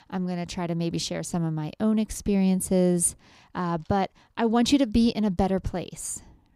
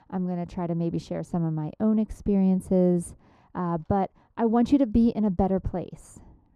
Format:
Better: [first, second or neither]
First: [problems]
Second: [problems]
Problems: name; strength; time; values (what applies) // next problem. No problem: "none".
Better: first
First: none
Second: muffled; very; fading above 2 kHz